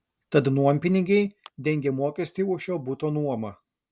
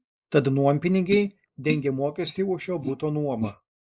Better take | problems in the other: first | noise reduction (neural mask model Resemble Enhance denoiser)

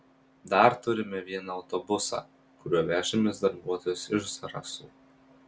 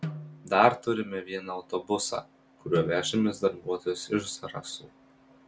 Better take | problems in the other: first | background sound (Snare drum); 14 dB below the speech

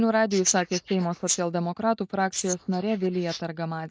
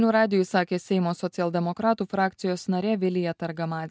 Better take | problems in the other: second | noise reduction (neural mask model Resemble Enhance denoiser)

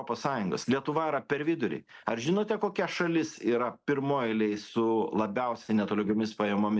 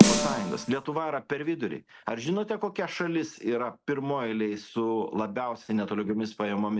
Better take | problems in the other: first | background sound (Snare drum); 4 dB above the speech

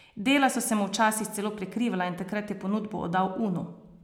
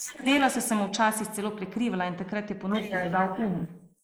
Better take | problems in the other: first | noise reduction (neural mask model Resemble Enhance denoiser)

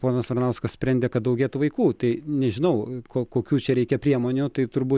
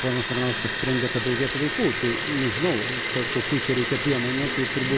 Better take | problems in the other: first | background sound (Liquid); 2 dB below the speech

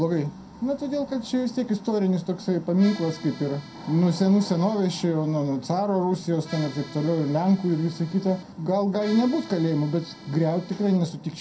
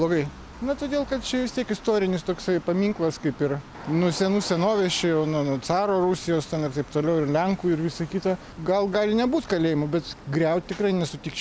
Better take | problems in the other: second | background sound (Accordion); 19 dB below the speech // room echo; dies away in 0.2 s

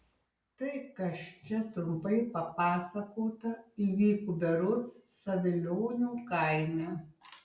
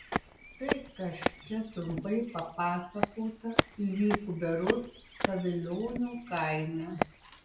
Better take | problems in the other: first | background sound (Walk, footsteps); 3 dB below the speech

